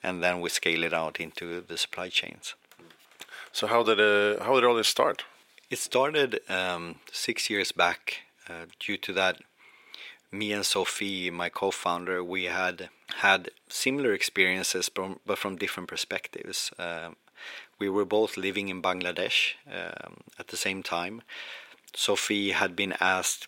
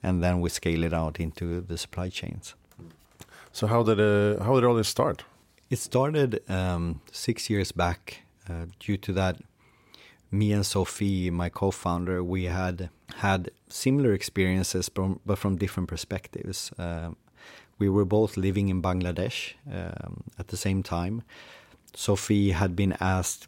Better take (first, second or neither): second